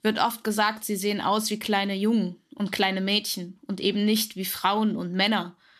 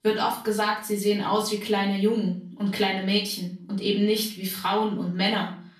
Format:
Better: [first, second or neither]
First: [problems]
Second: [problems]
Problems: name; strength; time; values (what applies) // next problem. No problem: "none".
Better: first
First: none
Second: off-mic speech; far // room echo; slight; dies away in 0.4 s